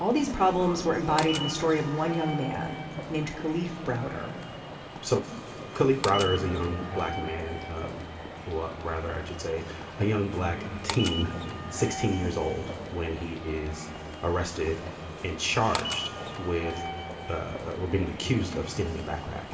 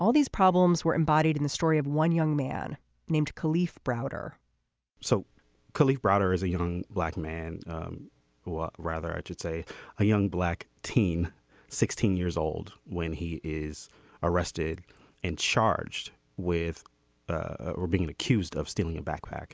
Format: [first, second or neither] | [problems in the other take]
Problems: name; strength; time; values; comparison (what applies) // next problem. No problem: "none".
second | background sound (Walk, footsteps / Subway, metro, underground); 9 dB below the speech // room echo; dies away in 2.5 s